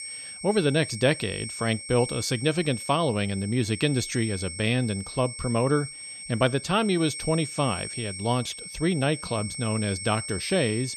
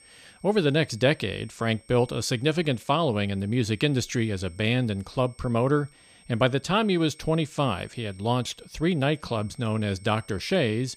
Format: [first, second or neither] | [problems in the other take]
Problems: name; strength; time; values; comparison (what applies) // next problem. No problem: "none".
second | high-pitched whine; loud; throughout; 8.5 kHz, 9 dB below the speech; faint in the second